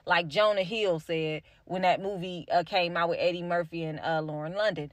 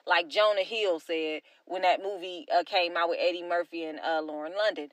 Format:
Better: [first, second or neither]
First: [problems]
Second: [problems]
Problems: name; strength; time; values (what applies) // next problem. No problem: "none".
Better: first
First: none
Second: thin; somewhat; fading below 300 Hz